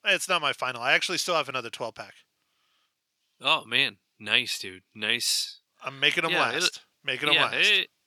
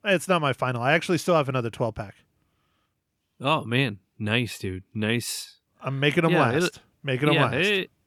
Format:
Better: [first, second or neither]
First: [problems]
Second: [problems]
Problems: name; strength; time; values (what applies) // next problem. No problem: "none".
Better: second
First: thin; somewhat; fading below 1 kHz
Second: none